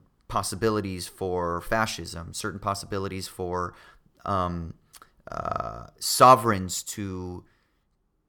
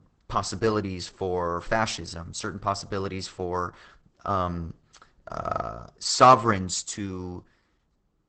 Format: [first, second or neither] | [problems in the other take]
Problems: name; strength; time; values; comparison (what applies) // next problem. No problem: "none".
first | garbled, watery; badly; nothing above 8 kHz